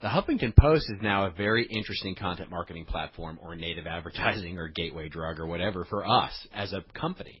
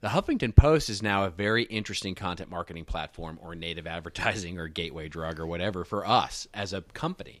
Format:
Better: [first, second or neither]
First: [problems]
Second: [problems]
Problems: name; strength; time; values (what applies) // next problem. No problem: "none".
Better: second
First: garbled, watery; badly; nothing above 5.5 kHz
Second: none